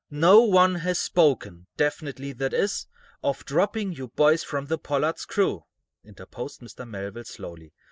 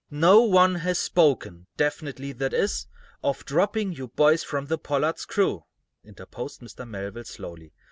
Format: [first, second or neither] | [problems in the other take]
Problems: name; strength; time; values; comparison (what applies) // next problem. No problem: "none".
second | noise reduction (neural mask model Resemble Enhance denoiser)